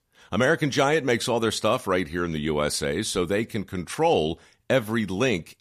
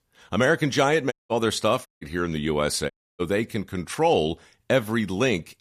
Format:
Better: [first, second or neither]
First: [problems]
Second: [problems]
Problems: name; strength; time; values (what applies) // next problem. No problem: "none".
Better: first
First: none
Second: audio cutting out; at 1 s, at 2 s and at 3 s